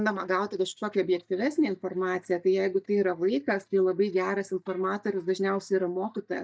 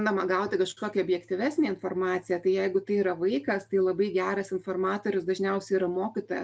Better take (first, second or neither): second